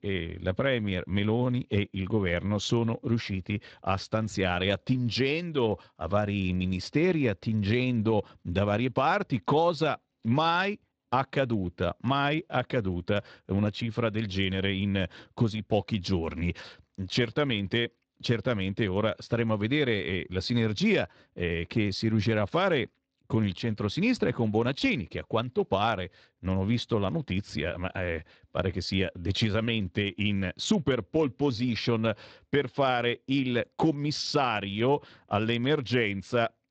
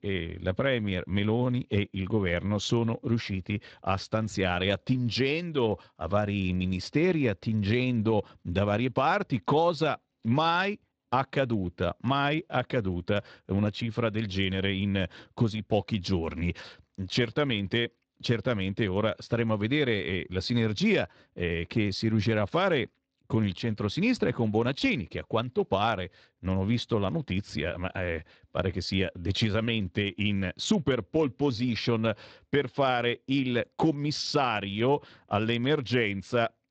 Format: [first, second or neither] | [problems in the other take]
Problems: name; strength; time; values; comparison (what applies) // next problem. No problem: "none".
neither | garbled, watery; slightly; nothing above 7.5 kHz; the same in both